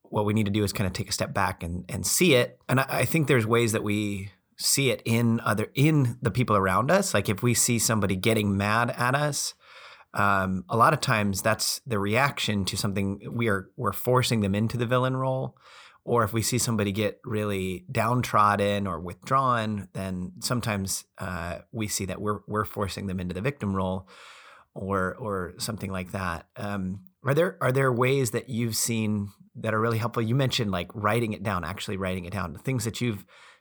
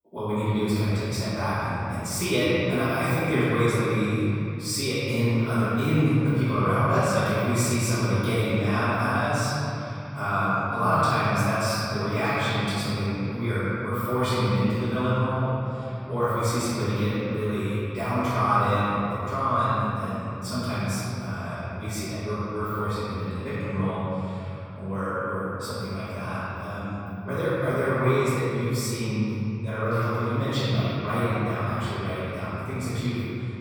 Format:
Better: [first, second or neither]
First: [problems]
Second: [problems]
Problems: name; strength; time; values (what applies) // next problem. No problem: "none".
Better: first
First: none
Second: room echo; strong; dies away in 3 s // off-mic speech; far